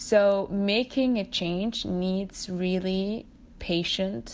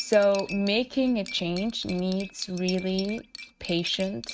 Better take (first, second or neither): first